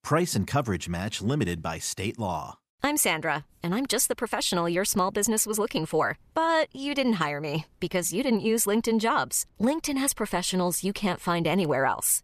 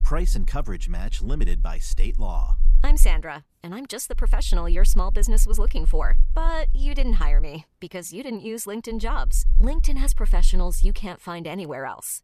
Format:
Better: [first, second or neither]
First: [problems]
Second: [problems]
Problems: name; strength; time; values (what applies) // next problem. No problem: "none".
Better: first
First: none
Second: low rumble; faint; until 3 s, from 4 to 7.5 s and from 9 to 11 s; 20 dB below the speech